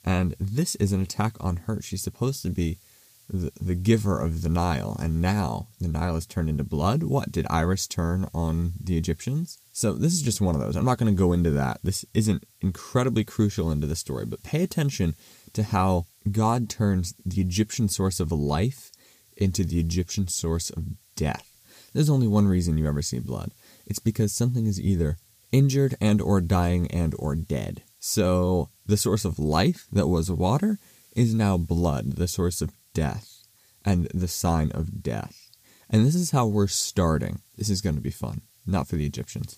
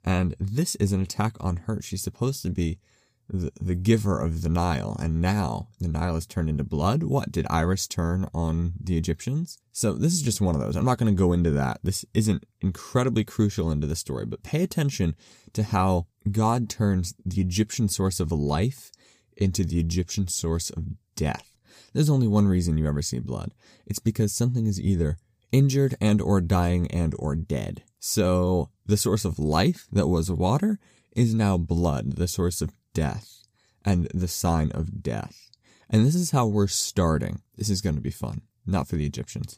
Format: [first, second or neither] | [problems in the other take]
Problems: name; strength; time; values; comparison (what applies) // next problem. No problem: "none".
second | hiss; faint; throughout; 30 dB below the speech